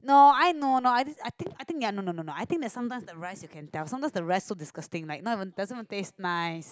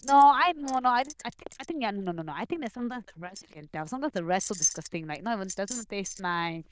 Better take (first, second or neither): first